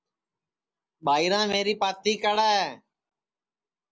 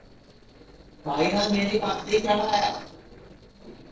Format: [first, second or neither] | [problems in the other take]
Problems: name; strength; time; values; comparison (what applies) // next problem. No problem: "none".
first | noise reduction (neural separator model SepFormer DNS4)